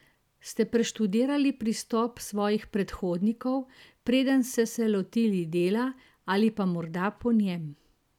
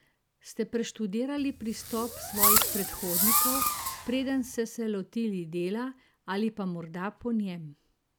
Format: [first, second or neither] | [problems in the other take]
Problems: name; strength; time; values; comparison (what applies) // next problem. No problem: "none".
first | background sound (Fireworks); 5 dB above the speech